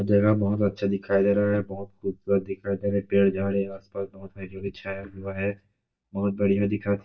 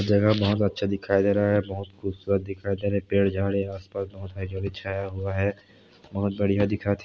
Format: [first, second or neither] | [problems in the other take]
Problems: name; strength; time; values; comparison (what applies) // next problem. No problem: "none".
second | noise reduction (neural mask model DeepFilterNet 3)